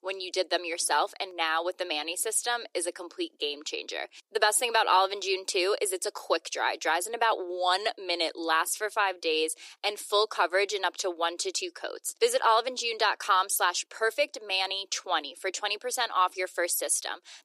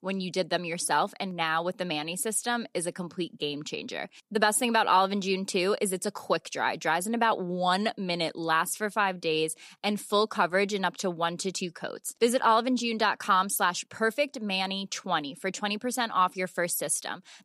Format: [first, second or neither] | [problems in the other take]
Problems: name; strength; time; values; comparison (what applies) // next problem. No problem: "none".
second | thin; very; fading below 350 Hz